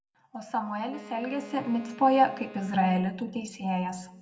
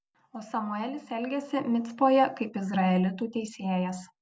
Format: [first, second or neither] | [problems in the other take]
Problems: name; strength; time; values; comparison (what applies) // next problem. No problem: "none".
second | background sound (Wind instrument, woodwind instrument); 19 dB below the speech // room echo; dies away in 1.3 s